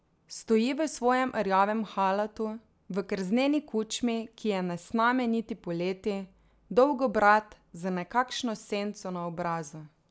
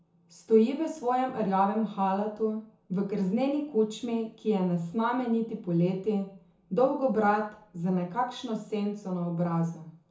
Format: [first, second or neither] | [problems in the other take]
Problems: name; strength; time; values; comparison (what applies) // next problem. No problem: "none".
first | room echo; dies away in 0.6 s